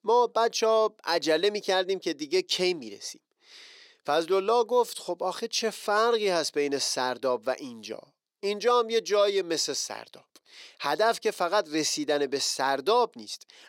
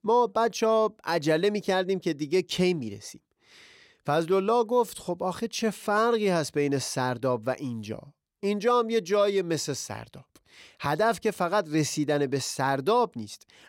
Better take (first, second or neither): second